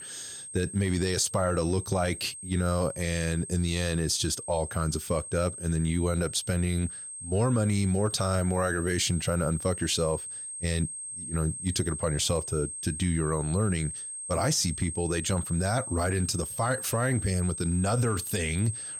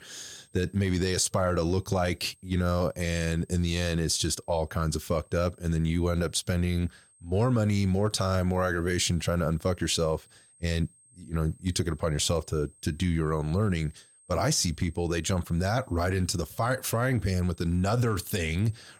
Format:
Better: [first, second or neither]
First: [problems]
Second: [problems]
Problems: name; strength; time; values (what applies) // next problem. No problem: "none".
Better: second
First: high-pitched whine; loud; throughout; 8.5 kHz, 8 dB below the speech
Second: high-pitched whine; faint; throughout; 8.5 kHz, 30 dB below the speech